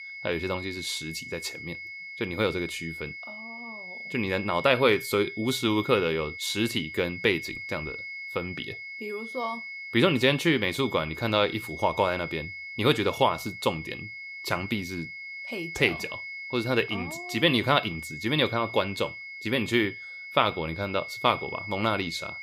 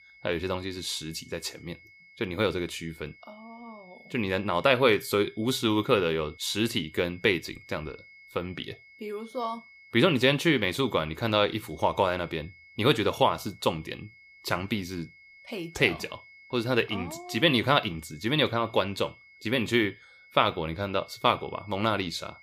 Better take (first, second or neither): second